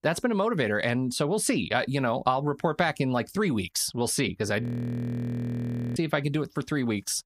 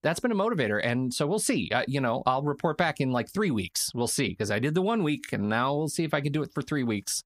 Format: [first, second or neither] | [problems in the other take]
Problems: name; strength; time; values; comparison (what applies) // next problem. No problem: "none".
second | audio freezing; at 4.5 s for 1.5 s